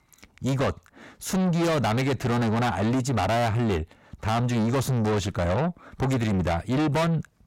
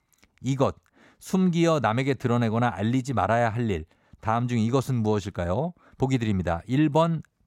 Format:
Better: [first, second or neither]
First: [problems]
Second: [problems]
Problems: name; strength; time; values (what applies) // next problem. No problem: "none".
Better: second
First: distortion; heavy; 6 dB below the speech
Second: none